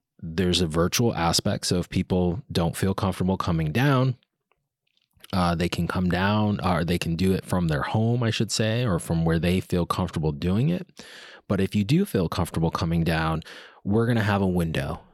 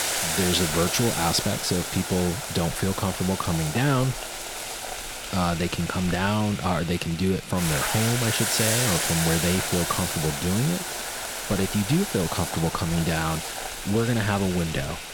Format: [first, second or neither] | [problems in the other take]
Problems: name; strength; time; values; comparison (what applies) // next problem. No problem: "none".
first | household noises; loud; throughout; 3 dB below the speech